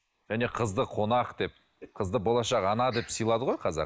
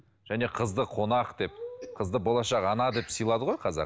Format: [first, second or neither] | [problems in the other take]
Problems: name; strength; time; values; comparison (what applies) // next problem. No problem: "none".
second | noise reduction (neural mask model Resemble Enhance denoiser)